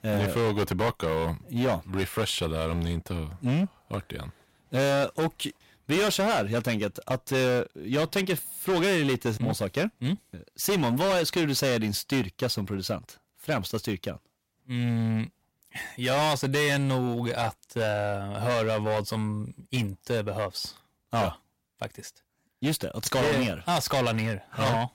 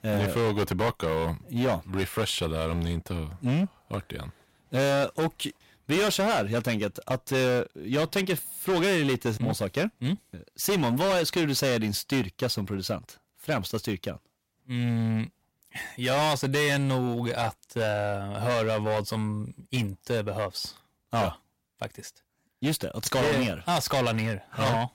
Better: neither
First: distortion; heavy; 14% of the sound clipped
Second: distortion; heavy; 14% of the sound clipped

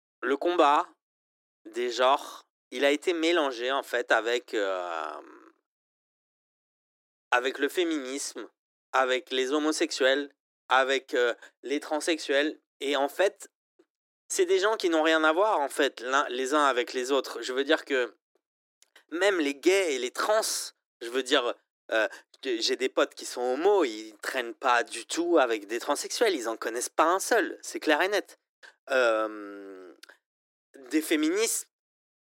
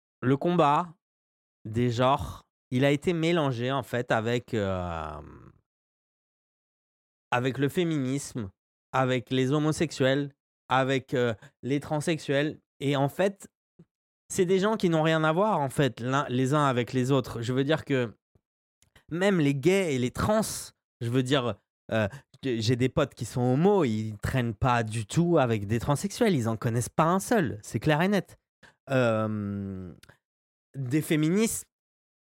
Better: second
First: thin; very; fading below 300 Hz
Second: none

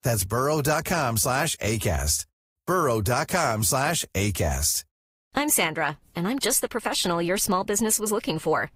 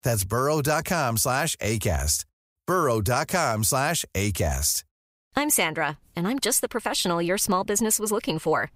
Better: second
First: garbled, watery; slightly; nothing above 15.5 kHz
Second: none

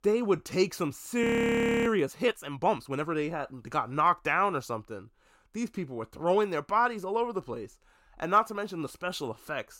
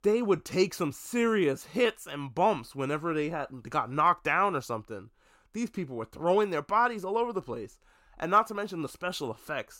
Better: second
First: audio freezing; at 1 s for 0.5 s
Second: none

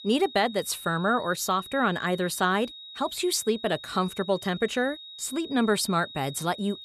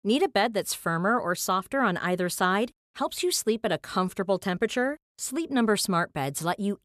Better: second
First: high-pitched whine; noticeable; throughout; 4 kHz, 15 dB below the speech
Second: none

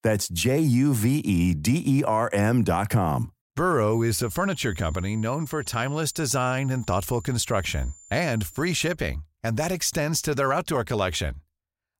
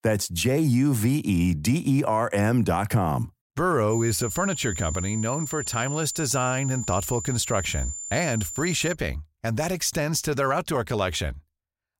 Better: first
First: high-pitched whine; faint; from 4 to 9 s; 7 kHz, 20 dB below the speech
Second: high-pitched whine; loud; from 4 to 9 s; 7 kHz, 7 dB below the speech

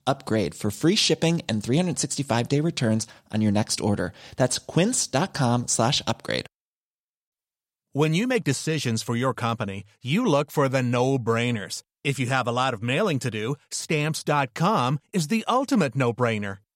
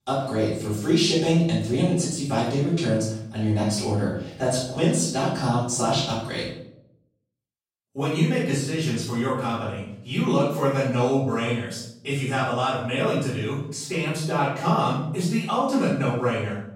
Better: first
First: none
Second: off-mic speech; far // room echo; noticeable; dies away in 0.6 s

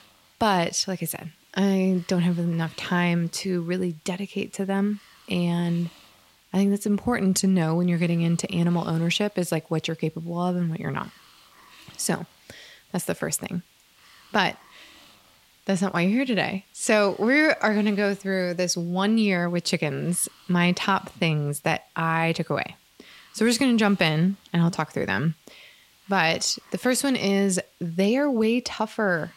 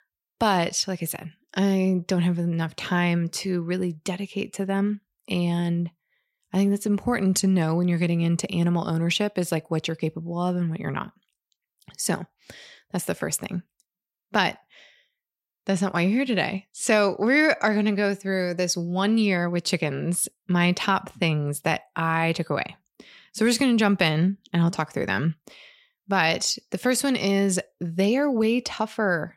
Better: second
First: hiss; faint; throughout; 30 dB below the speech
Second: none

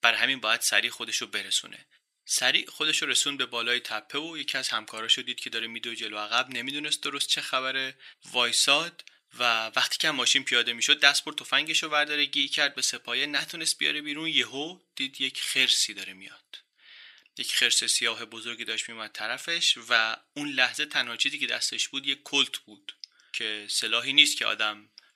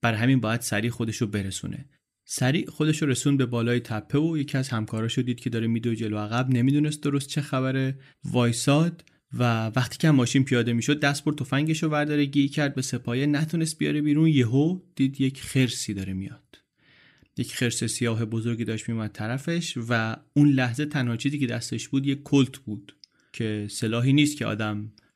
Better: second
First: thin; very; fading below 850 Hz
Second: none

